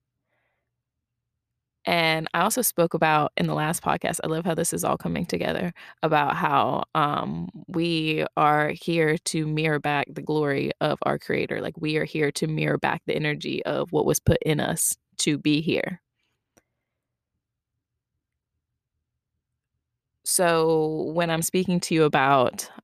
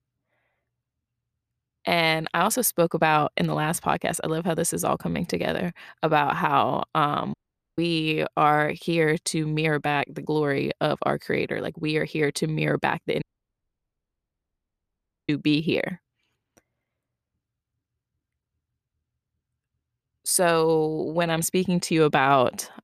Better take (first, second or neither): first